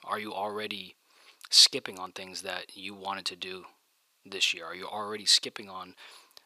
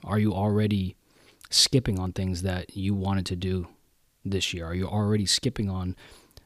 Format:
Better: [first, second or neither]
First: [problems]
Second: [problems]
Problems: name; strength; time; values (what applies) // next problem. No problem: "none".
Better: second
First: thin; very; fading below 600 Hz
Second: none